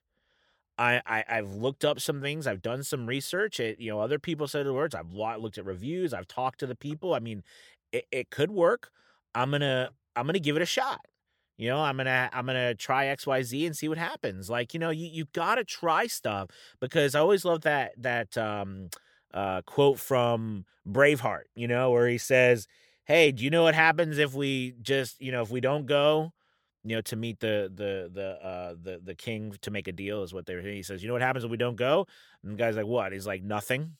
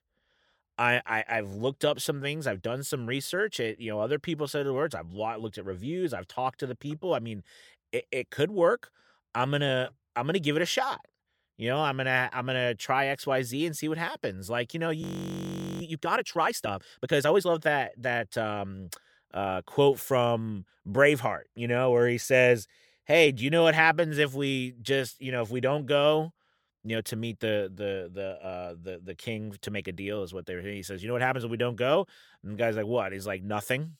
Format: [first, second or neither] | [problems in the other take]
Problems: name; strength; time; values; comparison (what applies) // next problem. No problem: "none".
first | audio freezing; at 15 s for 1 s